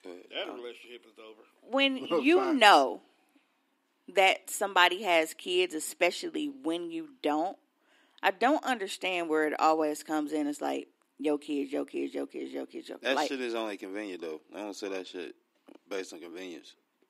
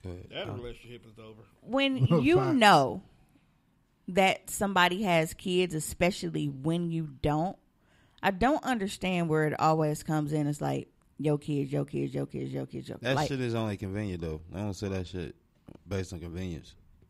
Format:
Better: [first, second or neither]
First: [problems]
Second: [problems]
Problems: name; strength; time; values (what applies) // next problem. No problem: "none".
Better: second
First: thin; somewhat; fading below 300 Hz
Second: none